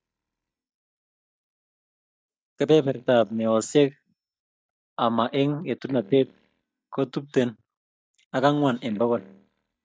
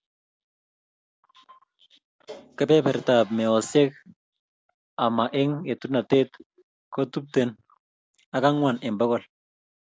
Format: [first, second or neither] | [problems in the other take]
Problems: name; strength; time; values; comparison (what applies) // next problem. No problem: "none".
second | noise reduction (neural mask model DeepFilterNet 3)